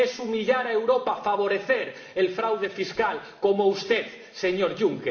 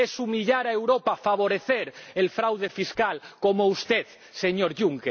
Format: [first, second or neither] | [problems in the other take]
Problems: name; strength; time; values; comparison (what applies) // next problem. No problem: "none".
second | room echo; dies away in 0.8 s